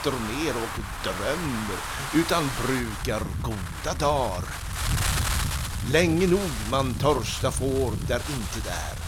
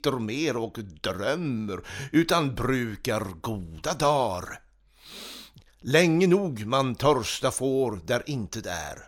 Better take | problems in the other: second | wind noise on the microphone; heavy; 5 dB below the speech

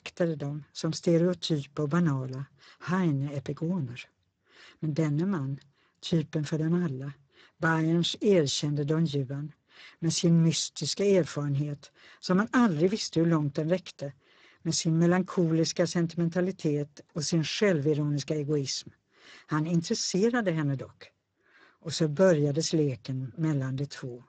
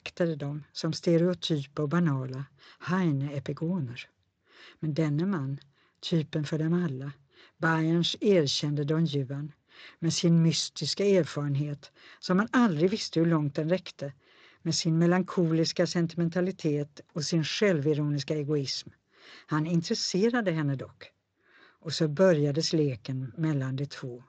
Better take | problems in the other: second | garbled, watery; badly; nothing above 7.5 kHz; slightly in the second

